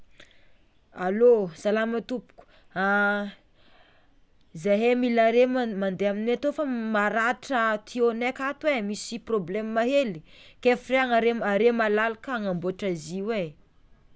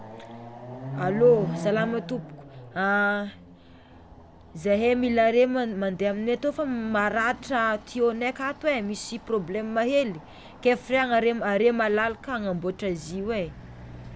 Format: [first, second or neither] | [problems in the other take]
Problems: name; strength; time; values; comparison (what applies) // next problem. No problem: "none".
first | background sound (Chatter / Car passing by / Motorcycle / Traffic noise, roadway noise / Accelerating, revving, vroom); 14 dB below the speech